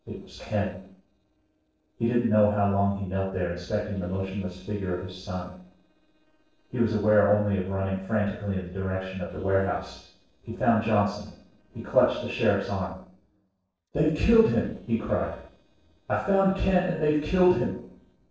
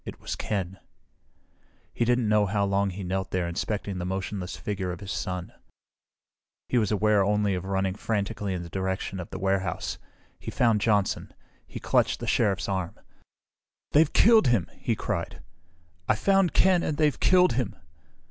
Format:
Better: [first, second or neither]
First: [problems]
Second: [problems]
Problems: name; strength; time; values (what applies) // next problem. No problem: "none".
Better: second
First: noise reduction (neural separator model SepFormer DNS4)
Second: none